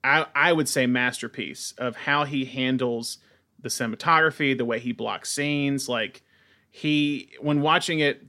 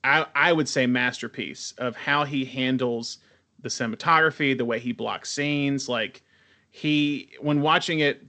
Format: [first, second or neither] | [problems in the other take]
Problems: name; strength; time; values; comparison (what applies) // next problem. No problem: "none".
first | garbled, watery; slightly; nothing above 8 kHz